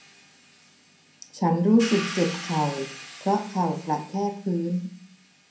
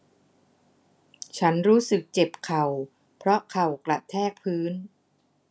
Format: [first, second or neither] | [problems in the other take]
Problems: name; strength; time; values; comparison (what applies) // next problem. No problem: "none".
second | background sound (Hi-hat); 14 dB below the speech // room echo; dies away in 0.5 s